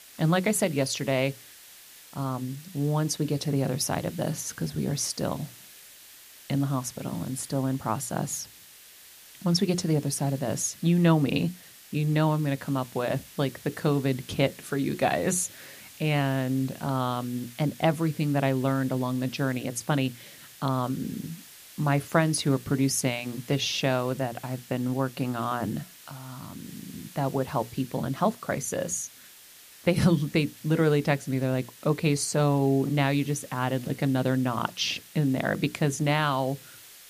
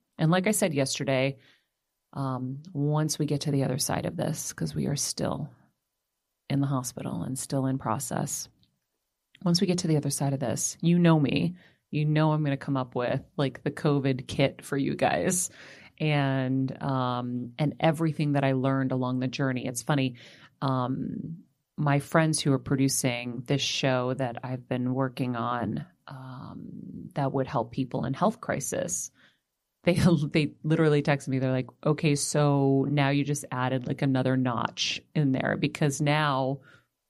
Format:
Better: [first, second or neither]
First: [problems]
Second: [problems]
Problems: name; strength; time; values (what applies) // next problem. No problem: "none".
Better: second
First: hiss; noticeable; throughout; 20 dB below the speech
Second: none